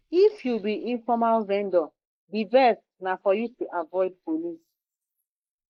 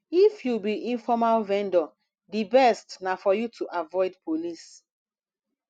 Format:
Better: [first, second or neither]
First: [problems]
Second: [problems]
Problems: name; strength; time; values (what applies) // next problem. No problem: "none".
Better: second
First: noise reduction (neural mask model Resemble Enhance denoiser)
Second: none